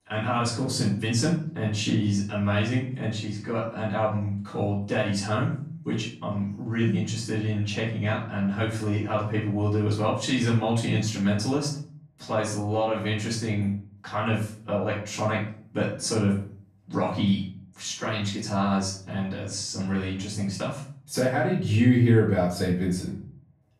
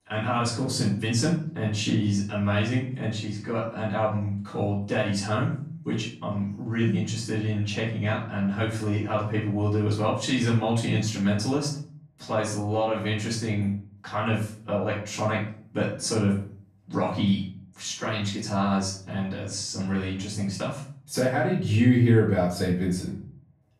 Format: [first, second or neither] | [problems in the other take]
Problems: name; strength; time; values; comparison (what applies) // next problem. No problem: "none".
neither | off-mic speech; far; the same in both // room echo; noticeable; dies away in 0.4 s; the same in both